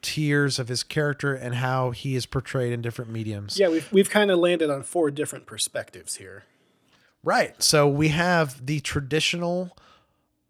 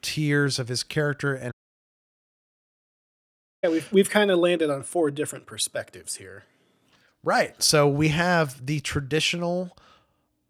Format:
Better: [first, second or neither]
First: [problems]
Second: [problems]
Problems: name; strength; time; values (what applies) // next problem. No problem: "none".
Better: first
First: none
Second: audio cutting out; at 1.5 s for 2 s